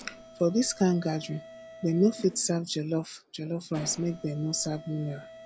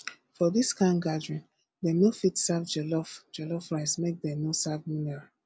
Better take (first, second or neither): second